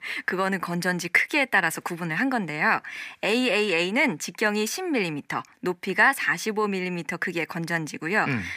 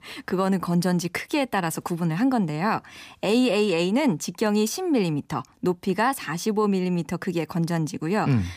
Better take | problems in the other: second | thin; somewhat; fading below 300 Hz

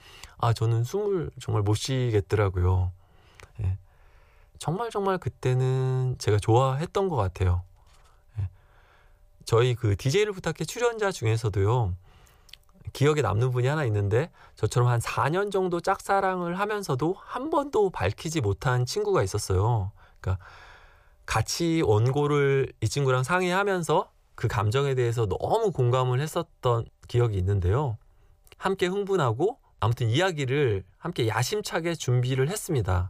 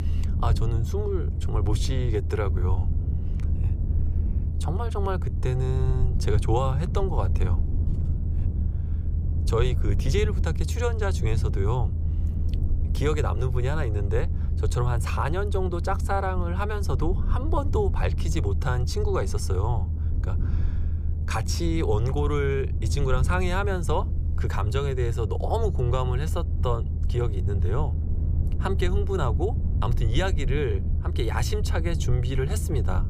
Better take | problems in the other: first | low rumble; noticeable; throughout; 10 dB below the speech

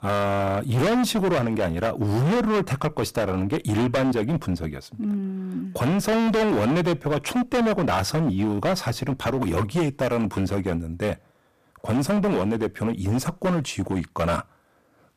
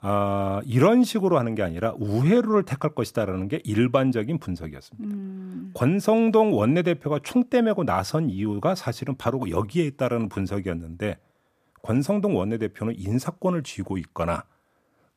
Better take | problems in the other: second | distortion; heavy; 21% of the sound clipped

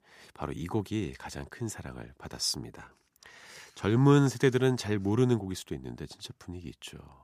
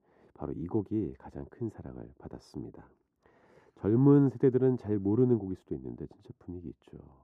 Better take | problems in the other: first | muffled; very; fading above 1.5 kHz

